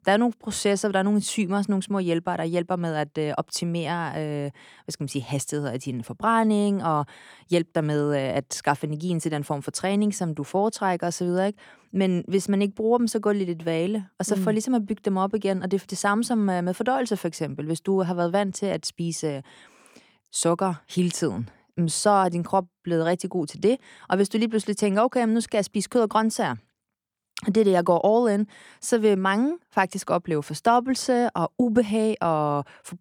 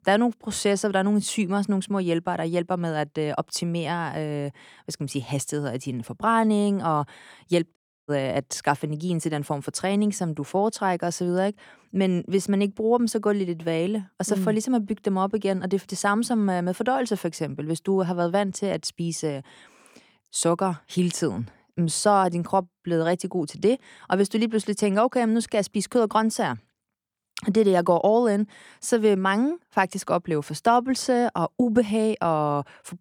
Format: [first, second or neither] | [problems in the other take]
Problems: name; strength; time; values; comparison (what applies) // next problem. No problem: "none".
first | audio cutting out; at 8 s